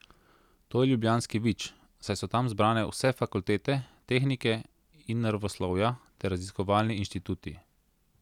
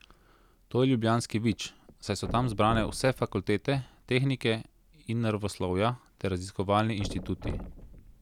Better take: first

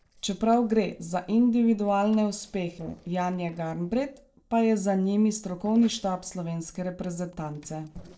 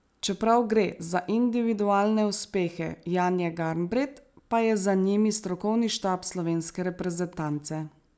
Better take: second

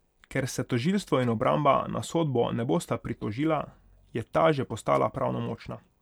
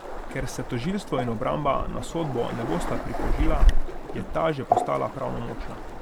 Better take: first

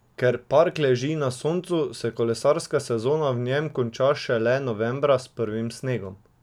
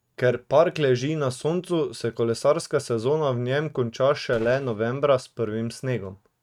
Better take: first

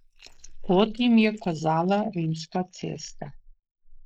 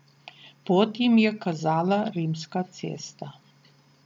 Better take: second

